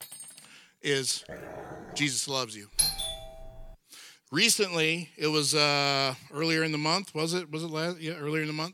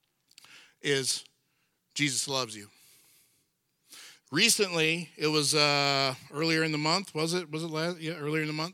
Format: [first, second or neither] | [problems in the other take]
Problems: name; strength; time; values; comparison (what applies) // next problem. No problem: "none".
second | clattering dishes; faint; at the start; peak 15 dB below the speech // dog barking; faint; at 1 s; peak 15 dB below the speech // doorbell; loud; at 3 s; peak 2 dB above the speech